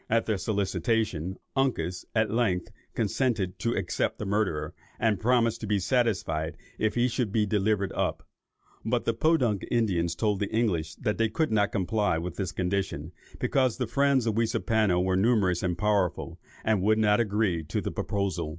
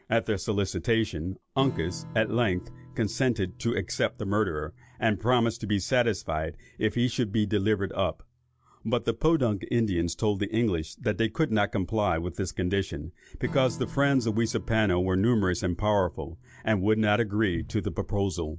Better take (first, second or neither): first